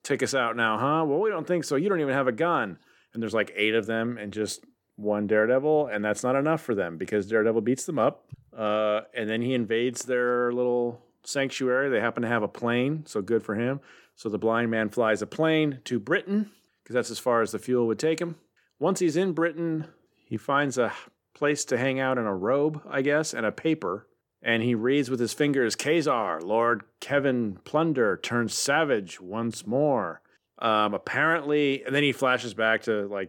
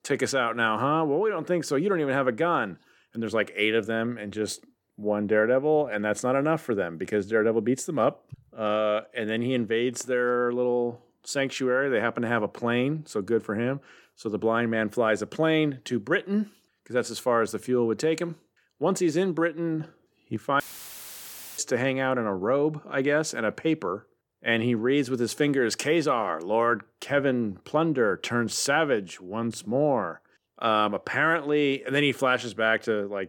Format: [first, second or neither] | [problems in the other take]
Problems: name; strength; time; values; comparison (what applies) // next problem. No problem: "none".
first | audio cutting out; filled with static; at 21 s for 1 s